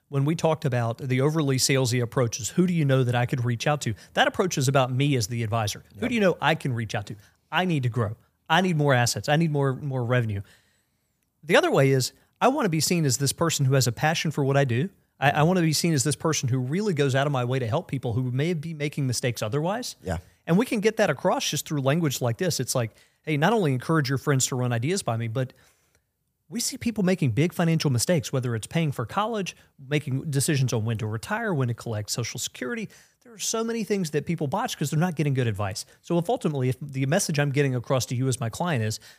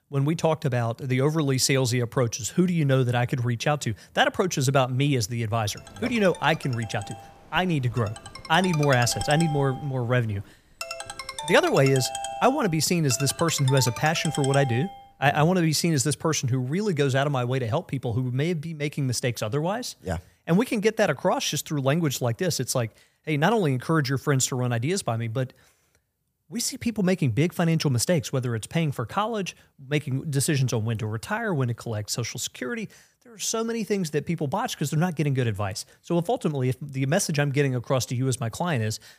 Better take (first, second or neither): first